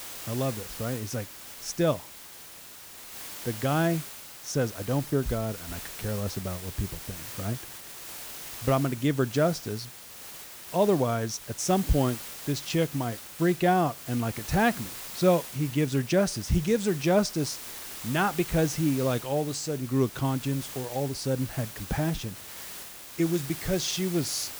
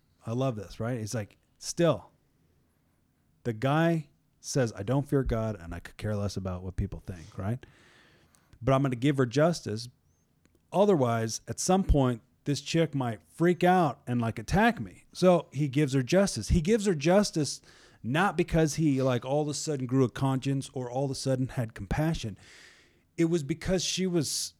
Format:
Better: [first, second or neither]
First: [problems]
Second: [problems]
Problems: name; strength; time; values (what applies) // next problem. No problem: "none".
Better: second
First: hiss; noticeable; throughout; 10 dB below the speech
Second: none